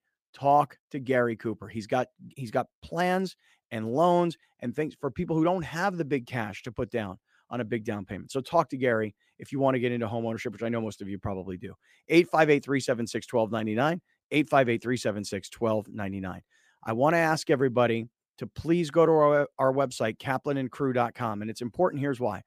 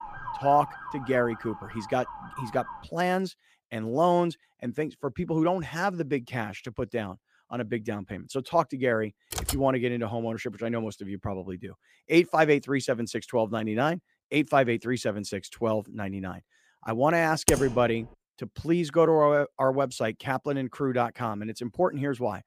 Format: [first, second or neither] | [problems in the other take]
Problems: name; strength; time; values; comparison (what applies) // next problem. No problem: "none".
first | siren; noticeable; until 3 s; peak 10 dB below the speech // keyboard typing; noticeable; at 9.5 s; peak 4 dB below the speech // keyboard typing; loud; at 17 s; peak level with the speech